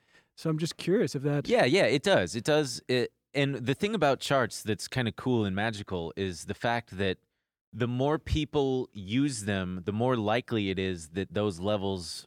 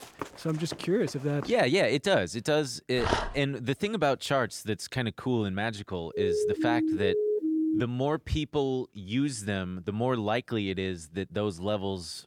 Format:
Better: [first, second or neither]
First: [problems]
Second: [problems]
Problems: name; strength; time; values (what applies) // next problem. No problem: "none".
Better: first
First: none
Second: footsteps; faint; until 1.5 s; peak 10 dB below the speech // dog barking; loud; at 3 s; peak level with the speech // siren; loud; from 6 to 8 s; peak 2 dB above the speech